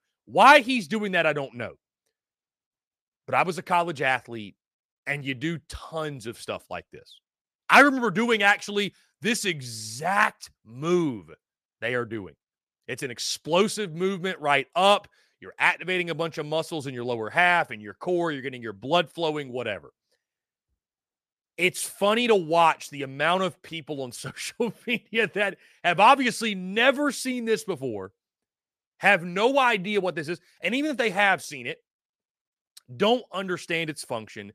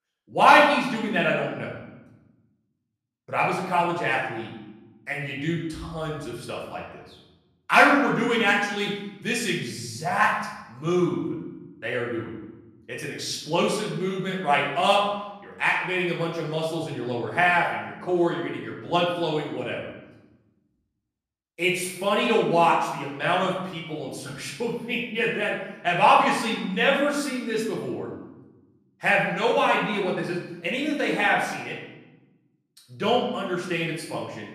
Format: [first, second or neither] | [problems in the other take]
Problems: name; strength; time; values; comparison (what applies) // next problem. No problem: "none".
first | off-mic speech; far // room echo; noticeable; dies away in 0.9 s